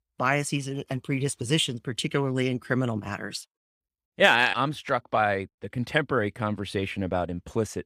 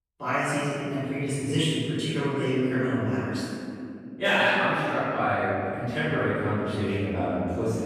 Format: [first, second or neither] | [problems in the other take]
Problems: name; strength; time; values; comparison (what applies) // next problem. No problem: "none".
first | off-mic speech; far // room echo; strong; dies away in 2.6 s